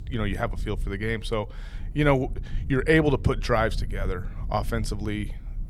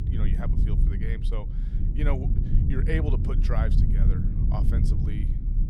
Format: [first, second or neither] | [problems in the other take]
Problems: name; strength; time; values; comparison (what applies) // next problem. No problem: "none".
first | low rumble; loud; throughout; 2 dB below the speech; faint in the first